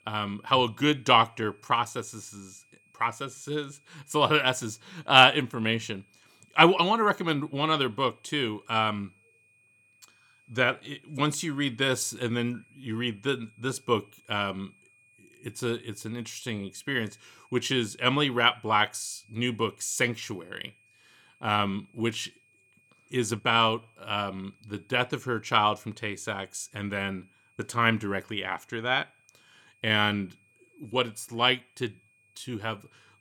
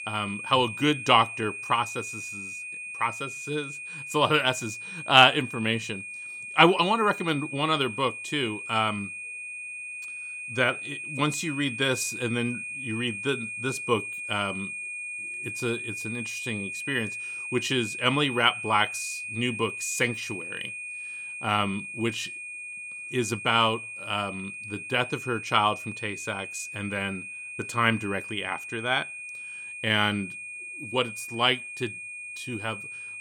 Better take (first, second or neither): first